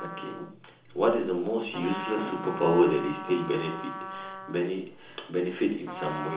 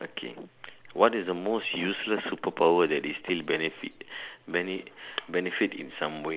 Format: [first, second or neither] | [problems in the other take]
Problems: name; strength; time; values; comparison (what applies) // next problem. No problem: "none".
second | background sound (Trumpet); 11 dB below the speech // room echo; dies away in 0.7 s